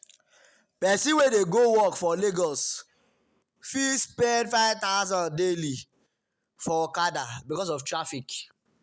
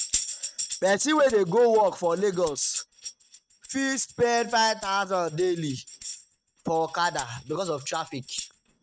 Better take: first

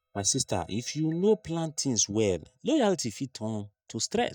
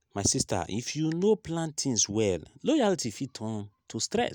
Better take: second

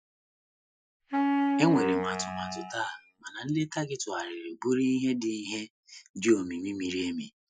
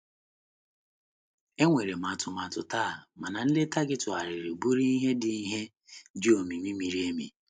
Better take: second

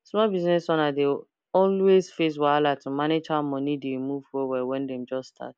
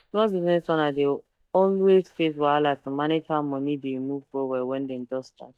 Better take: first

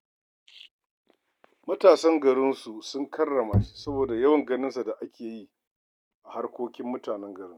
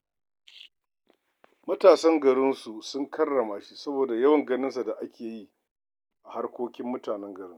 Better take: second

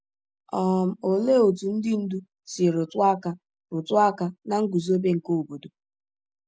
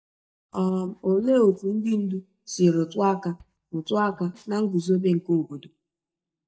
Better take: first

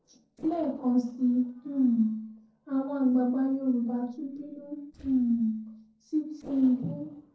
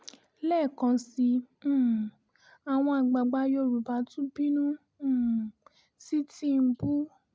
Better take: second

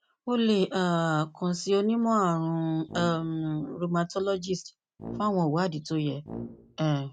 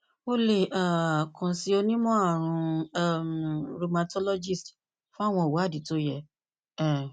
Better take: second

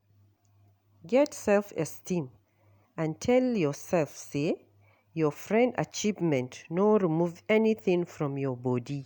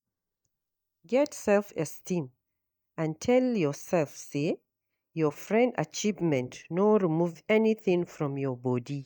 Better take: first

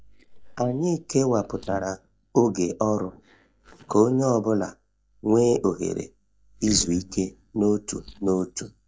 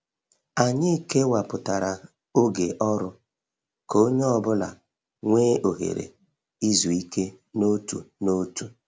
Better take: second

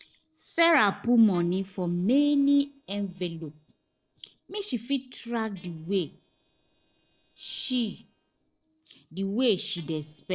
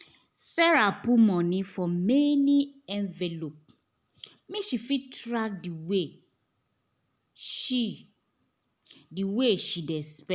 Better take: second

